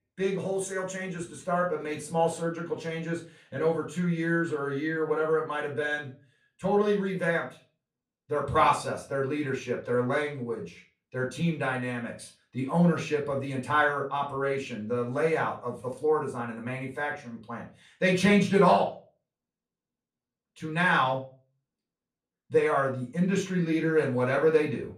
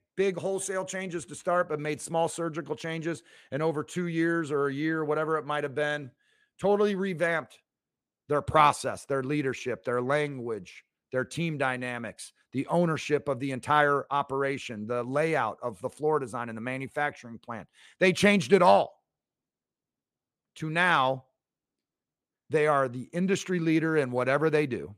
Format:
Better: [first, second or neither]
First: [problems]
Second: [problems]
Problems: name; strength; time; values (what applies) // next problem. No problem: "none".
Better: second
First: off-mic speech; far // room echo; slight; dies away in 0.3 s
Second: none